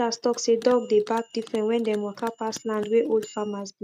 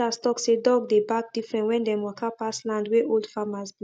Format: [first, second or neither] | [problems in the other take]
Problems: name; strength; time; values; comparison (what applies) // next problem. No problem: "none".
second | noise reduction (neural mask model RNNoise)